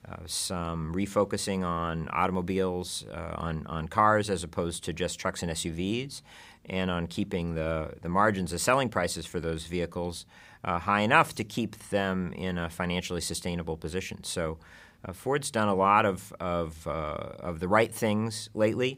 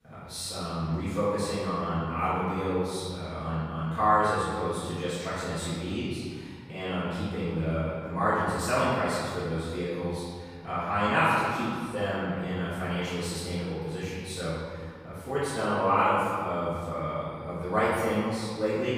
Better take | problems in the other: first | off-mic speech; far // room echo; strong; dies away in 1.8 s

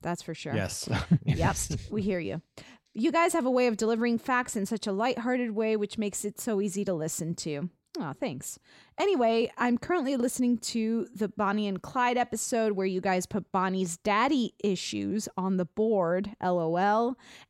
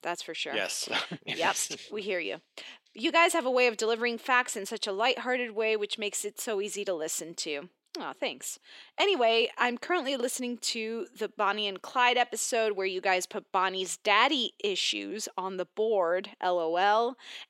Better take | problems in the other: first | thin; somewhat; fading below 350 Hz

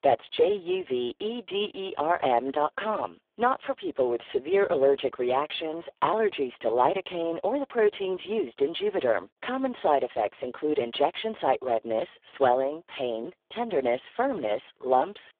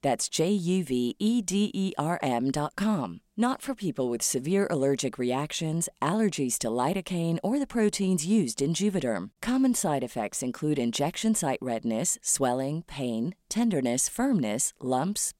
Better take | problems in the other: second | phone-call audio; poor line

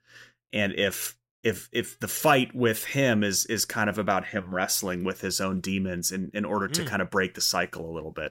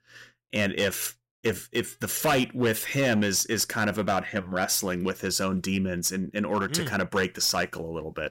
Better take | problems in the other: first | distortion; slight; 4% of the sound clipped

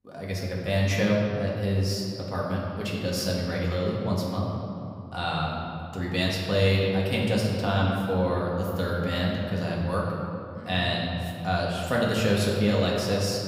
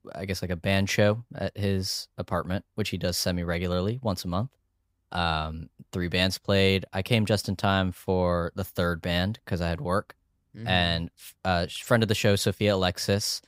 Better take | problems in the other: second | room echo; noticeable; dies away in 2.4 s // off-mic speech; far

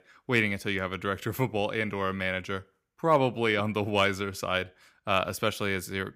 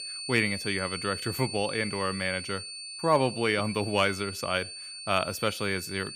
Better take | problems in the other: first | high-pitched whine; loud; throughout; 4.5 kHz, 8 dB below the speech

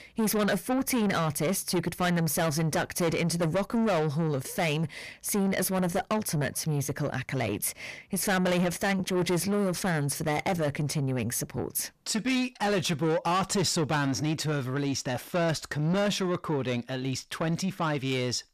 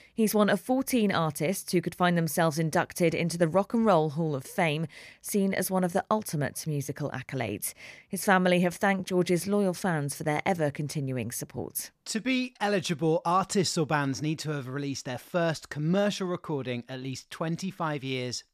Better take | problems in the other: second | distortion; heavy; 7 dB below the speech

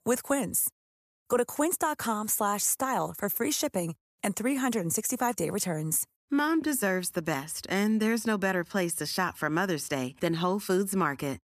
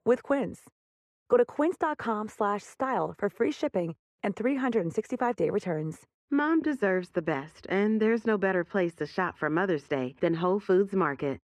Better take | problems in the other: first | muffled; very; fading above 2 kHz

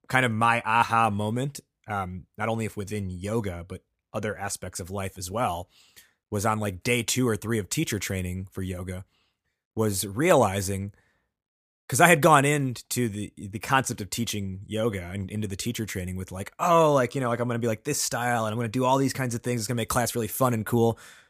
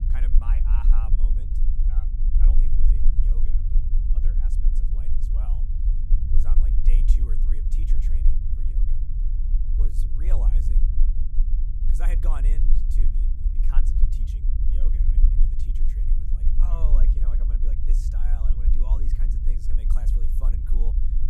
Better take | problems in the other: first | low rumble; loud; throughout; 1 dB below the speech

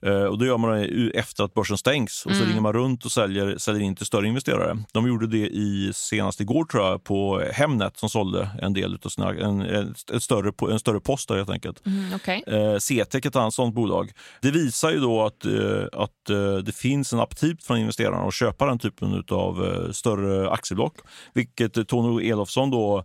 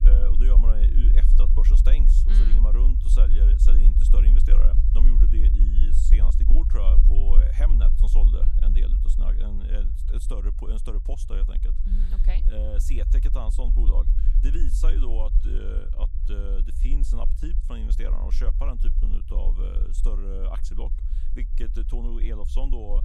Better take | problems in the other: first | low rumble; loud; throughout; 5 dB below the speech

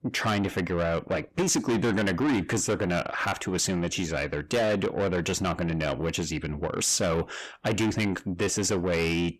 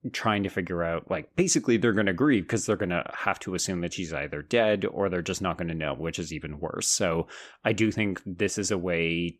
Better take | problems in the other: second | distortion; heavy; 7 dB below the speech

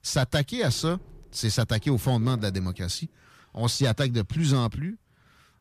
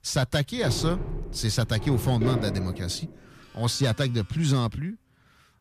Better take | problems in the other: first | household noises; loud; until 4 s; 8 dB below the speech; faint in the first

